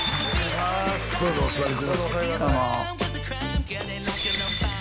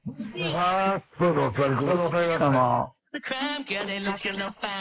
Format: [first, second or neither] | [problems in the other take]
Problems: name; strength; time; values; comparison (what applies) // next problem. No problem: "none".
first | noise reduction (neural mask model Resemble Enhance denoiser)